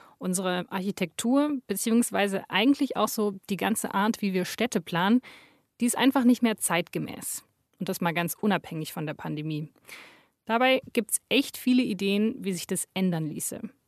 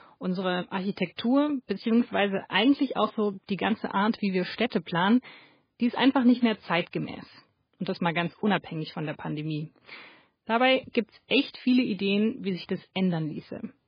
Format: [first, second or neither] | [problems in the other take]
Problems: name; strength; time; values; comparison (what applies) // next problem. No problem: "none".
first | garbled, watery; badly; nothing above 4 kHz